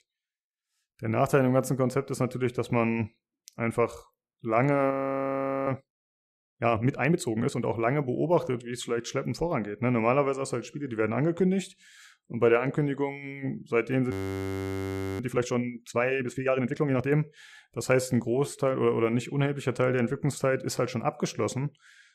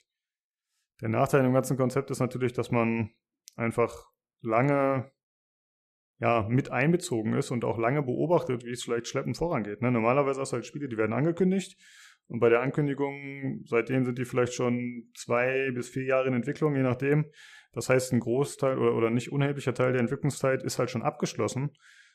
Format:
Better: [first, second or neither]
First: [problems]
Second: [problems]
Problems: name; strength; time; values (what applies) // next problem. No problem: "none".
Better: second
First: audio freezing; at 5 s for 1 s and at 14 s for 1 s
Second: none